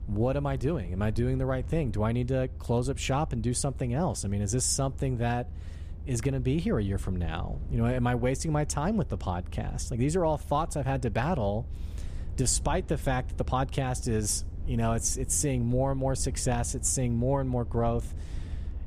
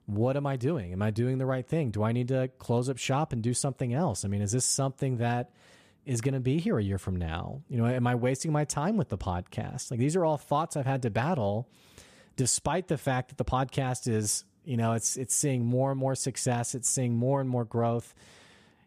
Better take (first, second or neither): second